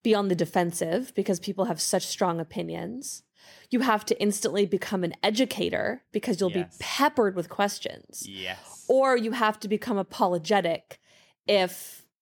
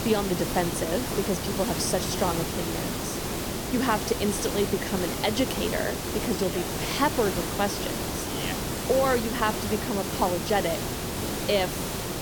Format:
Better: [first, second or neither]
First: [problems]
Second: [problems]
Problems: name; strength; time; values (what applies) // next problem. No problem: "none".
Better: first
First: none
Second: hiss; loud; throughout; 2 dB below the speech